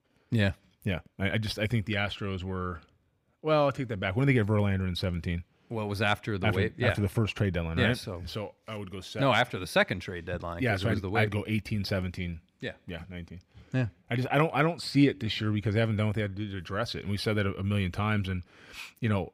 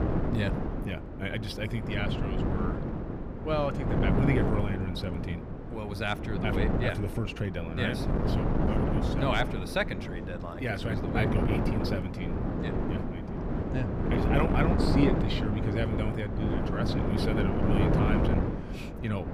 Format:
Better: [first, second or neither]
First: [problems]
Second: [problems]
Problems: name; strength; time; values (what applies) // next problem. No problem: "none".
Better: first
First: none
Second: wind noise on the microphone; heavy; 1 dB below the speech